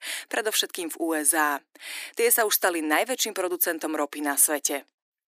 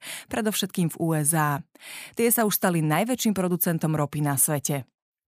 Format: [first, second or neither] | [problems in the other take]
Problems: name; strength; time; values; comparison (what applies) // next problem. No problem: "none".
second | thin; very; fading below 300 Hz